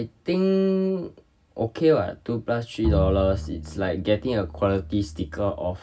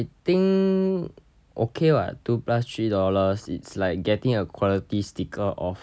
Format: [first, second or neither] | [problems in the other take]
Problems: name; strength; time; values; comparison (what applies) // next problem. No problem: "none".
second | background sound (Bowed string instrument); 6 dB below the speech // room echo; dies away in 0.2 s